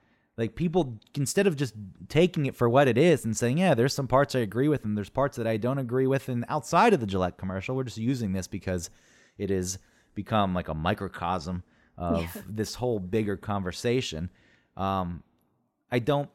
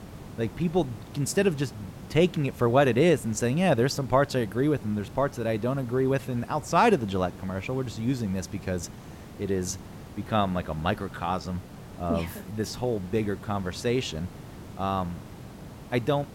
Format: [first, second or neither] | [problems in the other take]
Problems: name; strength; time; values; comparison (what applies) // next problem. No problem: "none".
first | hiss; noticeable; throughout; 15 dB below the speech